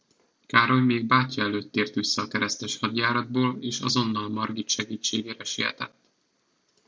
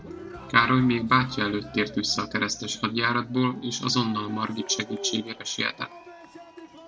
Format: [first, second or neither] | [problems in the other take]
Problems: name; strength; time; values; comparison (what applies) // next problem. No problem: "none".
first | background sound (Cheering); 16 dB below the speech